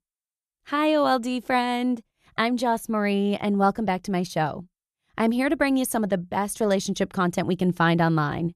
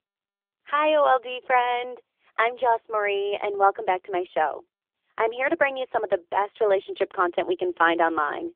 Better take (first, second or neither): first